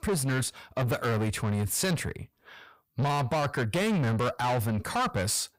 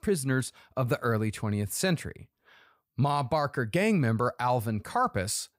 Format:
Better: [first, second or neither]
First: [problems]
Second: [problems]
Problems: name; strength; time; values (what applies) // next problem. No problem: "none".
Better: second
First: distortion; heavy; 7 dB below the speech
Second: none